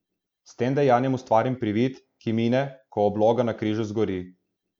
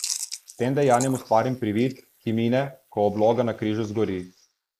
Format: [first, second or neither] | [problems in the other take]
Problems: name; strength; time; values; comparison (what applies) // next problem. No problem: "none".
first | noise reduction (neural mask model Resemble Enhance denoiser)